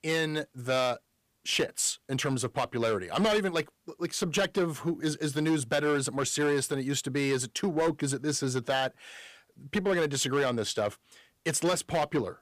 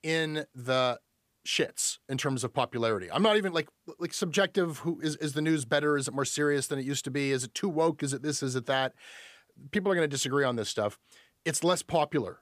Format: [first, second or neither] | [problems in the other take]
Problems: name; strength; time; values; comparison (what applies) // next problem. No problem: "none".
second | distortion; slight; 6% of the sound clipped